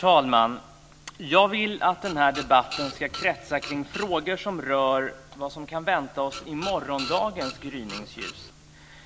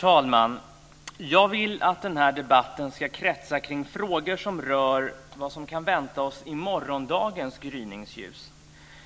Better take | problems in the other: second | background sound (Printer); 13 dB below the speech

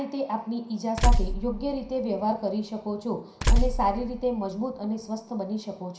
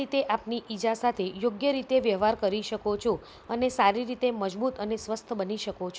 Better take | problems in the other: second | background sound (Tools); 2 dB above the speech // room echo; dies away in 0.5 s

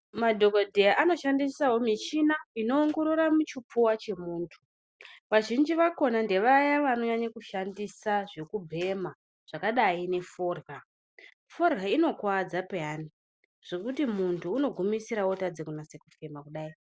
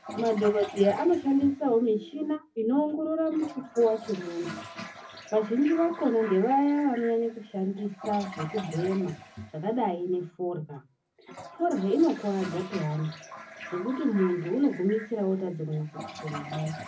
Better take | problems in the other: first | background sound (Toilet flush); 15 dB below the speech // room echo; dies away in 0.3 s

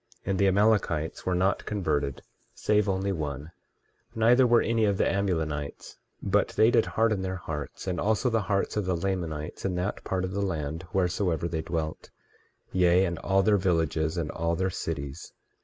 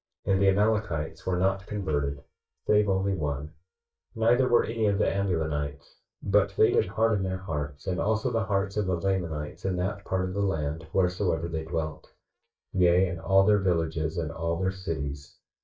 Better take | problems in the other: first | noise reduction (neural mask model DeepFilterNet 3)

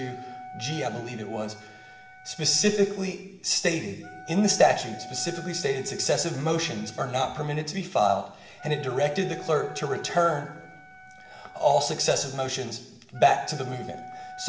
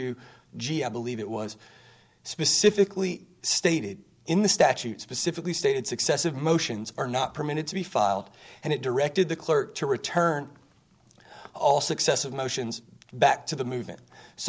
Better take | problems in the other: second | background sound (Wind instrument, woodwind instrument); 17 dB below the speech // room echo; dies away in 0.9 s

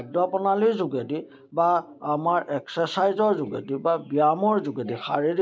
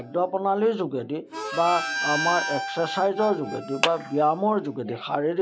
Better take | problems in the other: first | background sound (Clapping + Harmonica); 7 dB below the speech

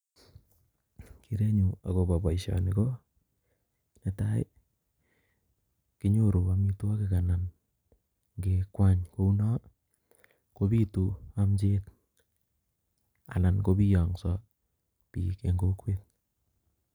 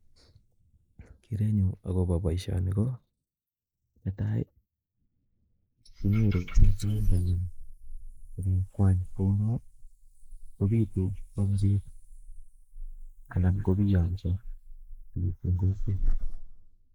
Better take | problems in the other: first | noise reduction (neural mask model Resemble Enhance denoiser)

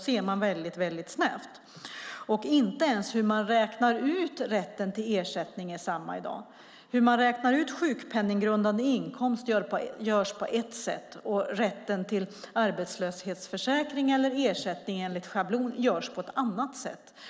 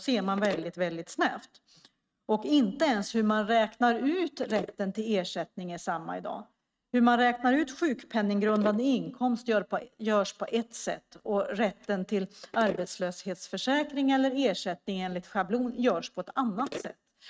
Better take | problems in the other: first | noise reduction (neural mask model RNNoise)

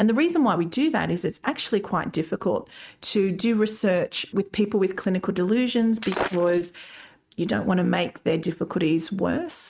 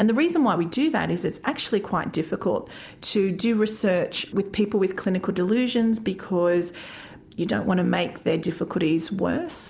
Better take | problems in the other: second | noise reduction (neural mask model RNNoise)

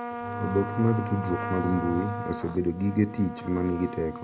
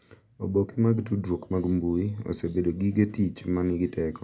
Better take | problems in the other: second | background sound (Trumpet + Bowed string instrument); 7 dB below the speech

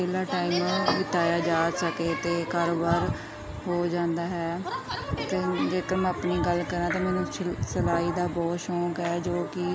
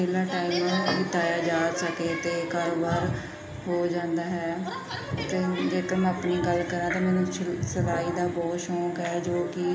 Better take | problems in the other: first | room echo; dies away in 0.8 s

